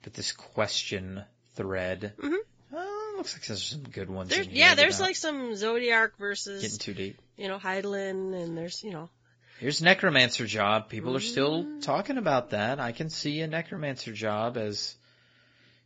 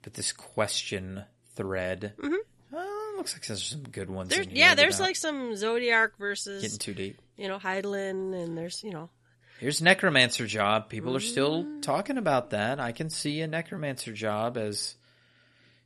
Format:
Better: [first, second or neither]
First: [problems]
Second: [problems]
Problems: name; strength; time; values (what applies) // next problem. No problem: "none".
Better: second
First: garbled, watery; badly; nothing above 7.5 kHz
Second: none